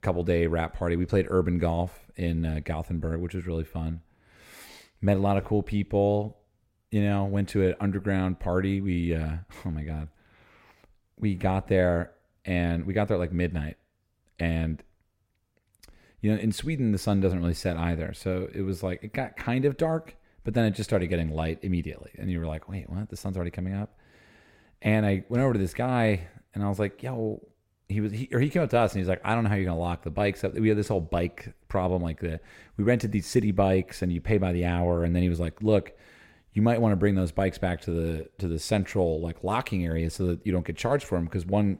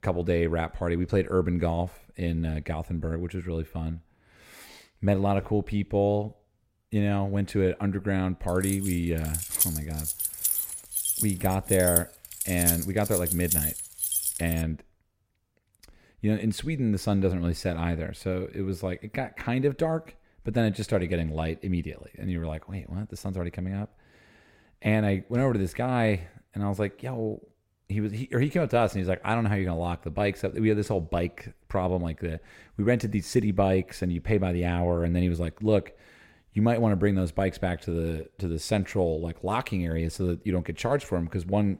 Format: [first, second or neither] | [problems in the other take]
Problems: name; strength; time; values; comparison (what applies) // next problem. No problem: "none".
first | jangling keys; loud; from 8.5 to 15 s; peak 4 dB above the speech